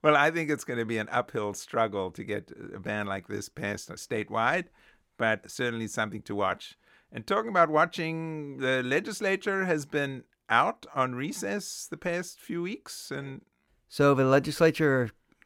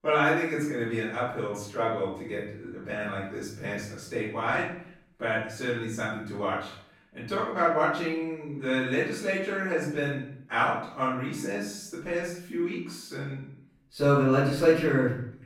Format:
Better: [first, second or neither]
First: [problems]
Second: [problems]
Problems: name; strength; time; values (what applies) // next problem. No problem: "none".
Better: first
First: none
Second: off-mic speech; far // room echo; noticeable; dies away in 0.6 s